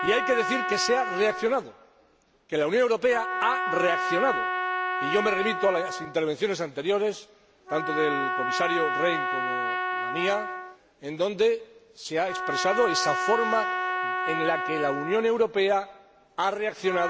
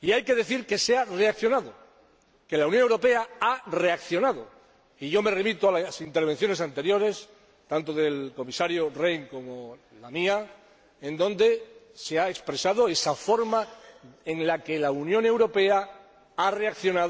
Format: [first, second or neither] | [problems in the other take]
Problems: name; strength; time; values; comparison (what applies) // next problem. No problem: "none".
second | background sound (Trumpet); 3 dB below the speech